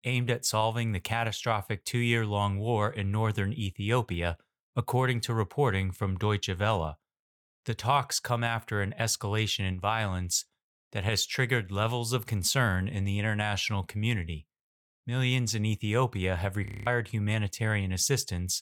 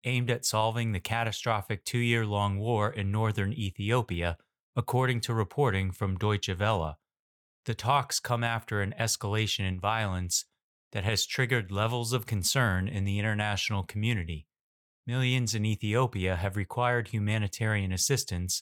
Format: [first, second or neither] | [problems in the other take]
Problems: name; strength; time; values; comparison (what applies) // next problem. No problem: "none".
second | audio freezing; at 17 s